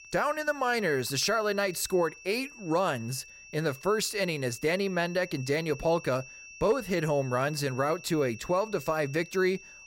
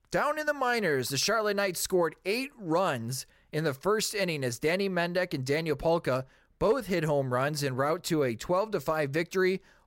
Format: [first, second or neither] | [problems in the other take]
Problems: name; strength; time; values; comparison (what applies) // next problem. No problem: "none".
second | high-pitched whine; noticeable; throughout; 2.5 kHz, 15 dB below the speech